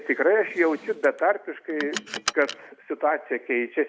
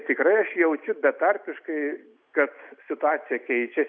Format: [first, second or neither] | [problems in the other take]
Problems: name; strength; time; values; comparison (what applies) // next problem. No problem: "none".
second | background sound (Car); 14 dB below the speech